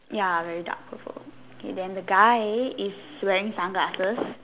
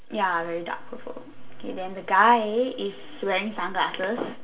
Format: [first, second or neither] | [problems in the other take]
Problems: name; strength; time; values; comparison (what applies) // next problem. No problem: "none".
first | room echo; dies away in 0.3 s